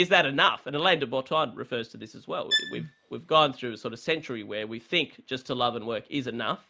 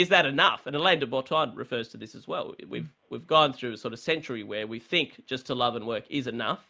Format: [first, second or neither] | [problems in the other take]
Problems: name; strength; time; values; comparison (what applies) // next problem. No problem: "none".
second | background sound (Bowed string instrument); 4 dB below the speech